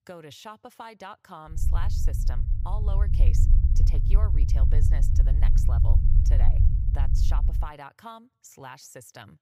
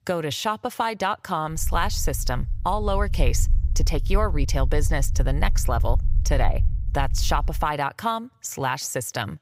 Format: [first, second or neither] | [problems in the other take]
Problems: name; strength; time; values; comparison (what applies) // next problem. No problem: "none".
second | low rumble; loud; from 1.5 to 7.5 s; 2 dB below the speech; faint in the second